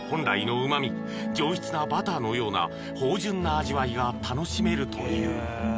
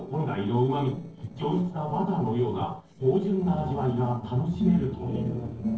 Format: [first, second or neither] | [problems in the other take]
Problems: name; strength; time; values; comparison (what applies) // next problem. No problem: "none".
first | noise reduction (neural separator model SepFormer DNS4)